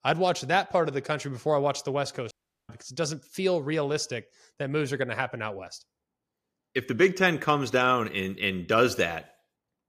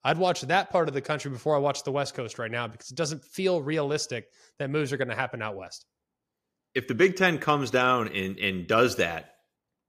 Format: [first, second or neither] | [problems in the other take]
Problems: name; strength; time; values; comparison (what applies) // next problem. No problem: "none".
second | audio cutting out; at 2.5 s